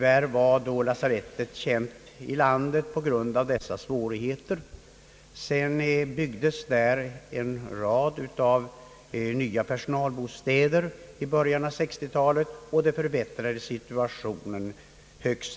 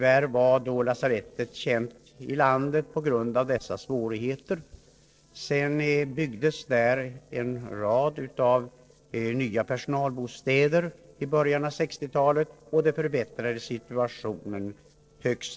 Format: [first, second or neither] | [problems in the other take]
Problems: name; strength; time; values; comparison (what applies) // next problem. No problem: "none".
first | noise reduction (neural separator model SepFormer DNS4)